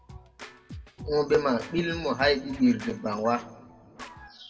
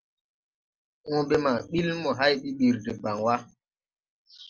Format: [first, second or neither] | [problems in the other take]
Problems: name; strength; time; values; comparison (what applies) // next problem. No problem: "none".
second | background sound (Scratching (performance technique)); 16 dB below the speech // room echo; dies away in 1.1 s